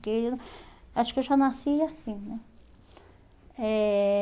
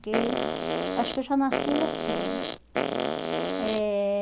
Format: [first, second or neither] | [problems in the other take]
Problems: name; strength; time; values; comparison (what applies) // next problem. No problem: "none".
first | background sound (Fart); 1 dB above the speech